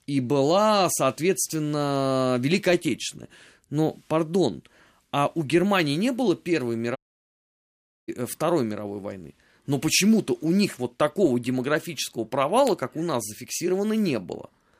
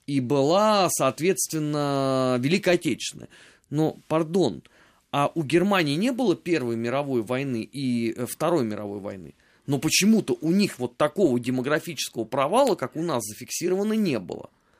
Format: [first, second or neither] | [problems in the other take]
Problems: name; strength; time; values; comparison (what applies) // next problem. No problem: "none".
second | audio cutting out; at 7 s for 1 s